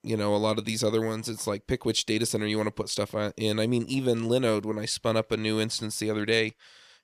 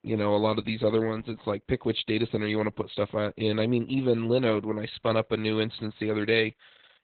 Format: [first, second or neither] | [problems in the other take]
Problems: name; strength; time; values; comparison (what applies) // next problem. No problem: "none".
first | garbled, watery; badly; nothing above 4 kHz